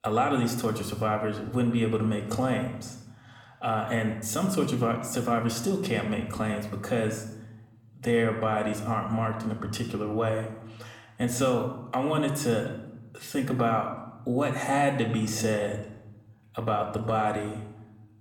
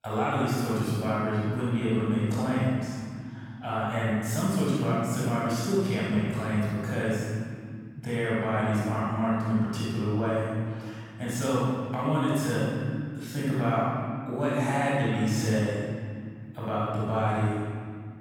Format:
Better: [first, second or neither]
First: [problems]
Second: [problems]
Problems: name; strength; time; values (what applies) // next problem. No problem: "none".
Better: first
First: room echo; slight; dies away in 0.8 s // off-mic speech; somewhat distant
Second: room echo; strong; dies away in 2.3 s // off-mic speech; far